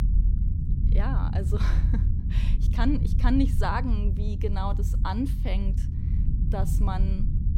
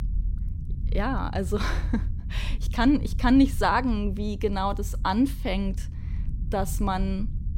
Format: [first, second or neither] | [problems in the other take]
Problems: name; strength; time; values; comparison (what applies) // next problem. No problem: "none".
second | low rumble; loud; throughout; 9 dB below the speech; faint in the second